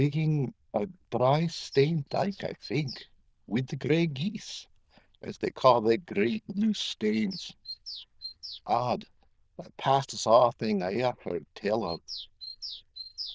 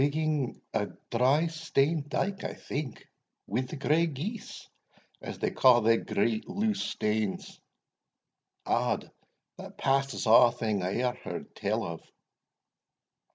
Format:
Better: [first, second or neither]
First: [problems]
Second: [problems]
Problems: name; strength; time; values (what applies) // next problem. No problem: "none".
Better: second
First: noise reduction (neural diffusion model UNIVERSE++)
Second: none